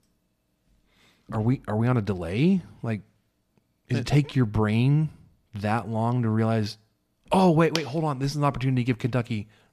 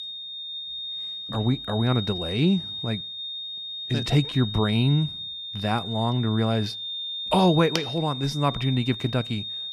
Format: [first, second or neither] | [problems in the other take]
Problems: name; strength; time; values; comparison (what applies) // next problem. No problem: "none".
first | high-pitched whine; loud; throughout; 3.5 kHz, 6 dB below the speech